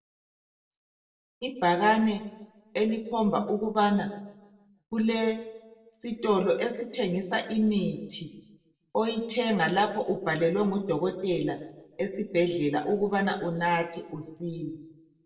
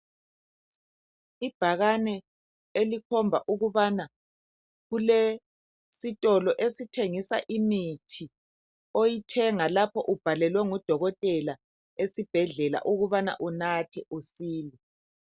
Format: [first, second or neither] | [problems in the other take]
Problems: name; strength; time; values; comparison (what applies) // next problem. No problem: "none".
second | room echo; dies away in 0.6 s